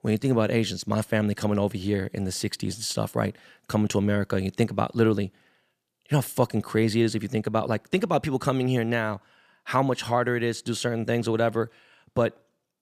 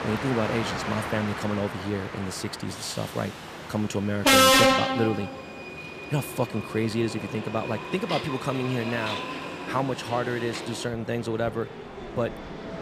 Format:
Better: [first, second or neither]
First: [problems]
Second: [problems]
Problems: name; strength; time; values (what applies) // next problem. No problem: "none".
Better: first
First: none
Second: train or aircraft noise; very loud; throughout; 3 dB above the speech